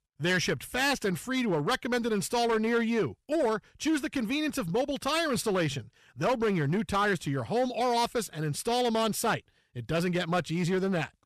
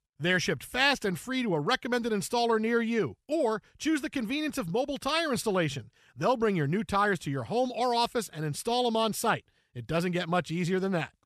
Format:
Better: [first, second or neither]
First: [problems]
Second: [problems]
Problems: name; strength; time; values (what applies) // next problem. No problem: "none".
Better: second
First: distortion; slight; 9% of the sound clipped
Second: none